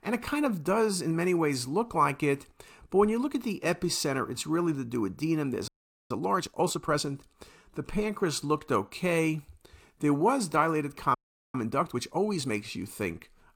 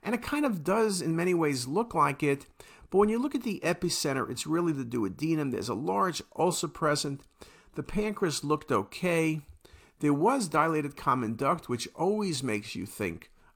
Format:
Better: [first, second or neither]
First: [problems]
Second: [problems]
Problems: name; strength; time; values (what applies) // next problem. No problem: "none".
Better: second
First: audio freezing; at 5.5 s and at 11 s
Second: none